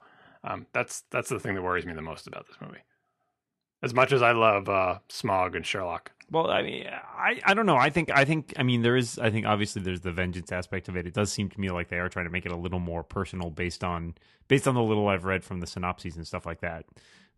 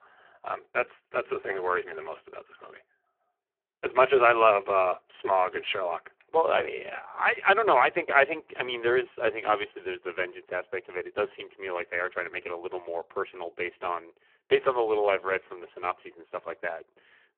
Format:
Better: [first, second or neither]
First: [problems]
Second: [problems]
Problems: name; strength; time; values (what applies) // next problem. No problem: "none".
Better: first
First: none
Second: phone-call audio; poor line